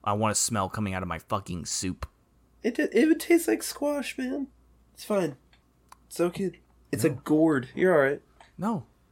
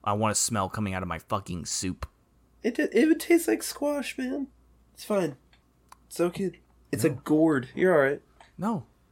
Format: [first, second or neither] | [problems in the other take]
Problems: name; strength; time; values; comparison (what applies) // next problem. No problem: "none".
neither | none